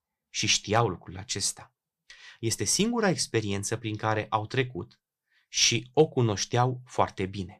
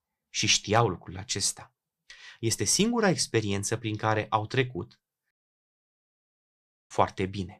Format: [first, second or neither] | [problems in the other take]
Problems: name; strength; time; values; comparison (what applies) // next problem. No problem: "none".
first | audio cutting out; at 5.5 s for 1.5 s